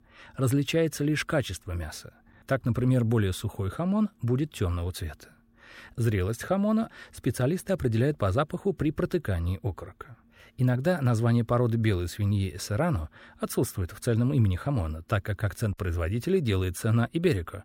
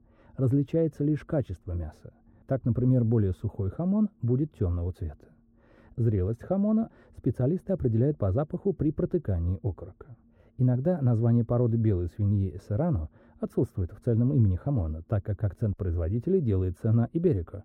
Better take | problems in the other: first | muffled; very; fading above 1 kHz

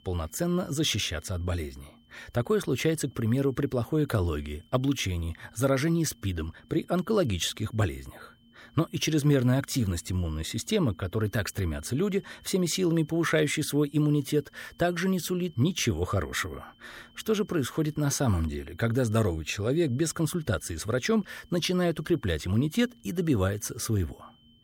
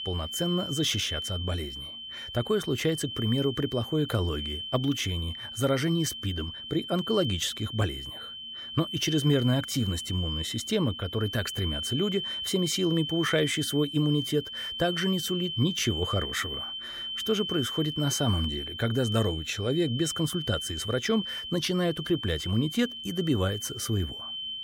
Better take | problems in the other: first | high-pitched whine; loud; throughout; 3 kHz, 5 dB below the speech; faint in the first

